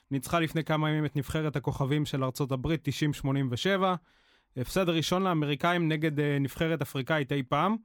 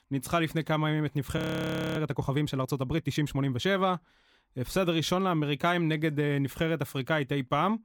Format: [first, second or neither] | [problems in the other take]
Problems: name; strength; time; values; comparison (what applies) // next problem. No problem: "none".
first | audio freezing; at 1.5 s for 0.5 s